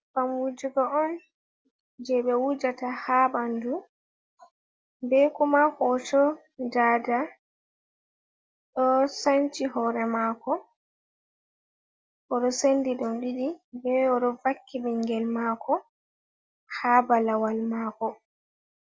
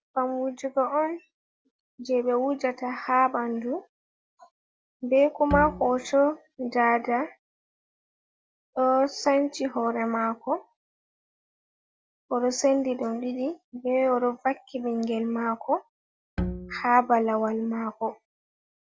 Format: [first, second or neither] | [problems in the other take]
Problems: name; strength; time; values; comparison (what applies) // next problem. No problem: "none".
first | background sound (Bowed string instrument); 7 dB below the speech